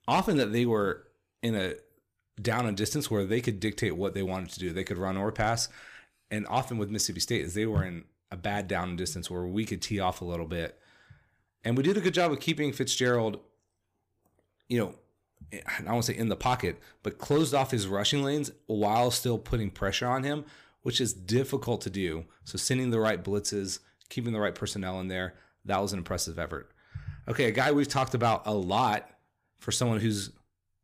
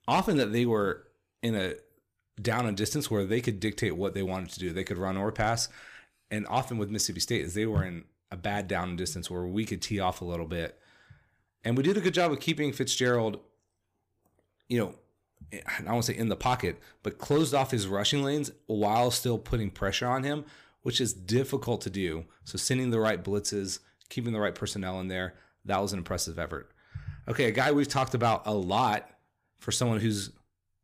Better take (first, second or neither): neither